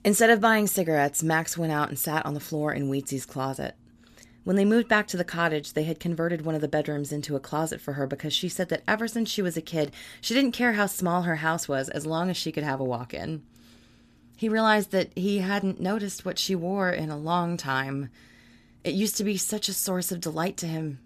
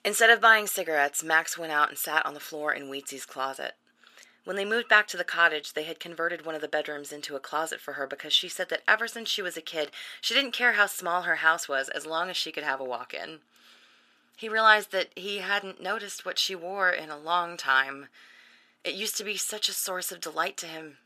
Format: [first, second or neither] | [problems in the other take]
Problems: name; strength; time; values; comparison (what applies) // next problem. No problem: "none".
first | thin; very; fading below 550 Hz